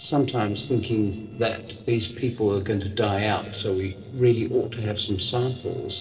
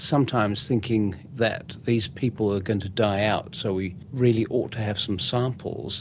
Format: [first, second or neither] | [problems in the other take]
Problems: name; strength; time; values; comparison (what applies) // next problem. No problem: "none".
second | noise reduction (neural separator model SepFormer DNS4)